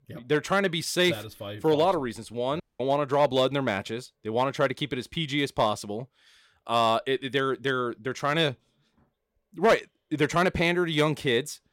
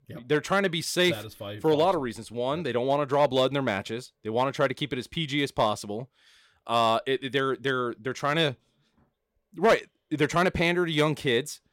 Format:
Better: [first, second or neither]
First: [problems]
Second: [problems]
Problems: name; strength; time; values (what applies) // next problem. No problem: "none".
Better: second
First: audio cutting out; at 2.5 s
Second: none